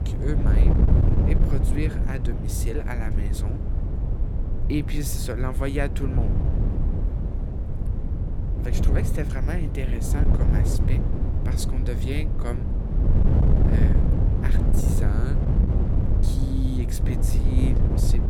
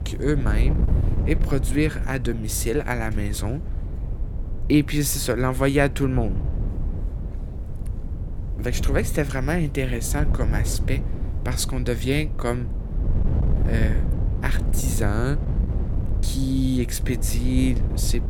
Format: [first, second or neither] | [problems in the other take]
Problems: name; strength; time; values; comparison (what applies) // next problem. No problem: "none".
second | wind noise on the microphone; heavy; as loud as the speech; occasional gusts in the second